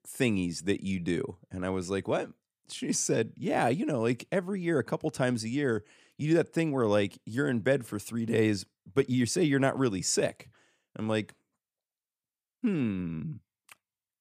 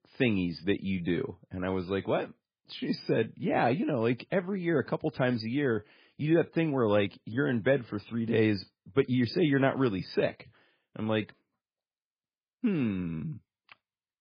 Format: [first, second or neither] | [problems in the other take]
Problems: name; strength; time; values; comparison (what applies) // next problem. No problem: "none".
first | garbled, watery; badly; nothing above 5 kHz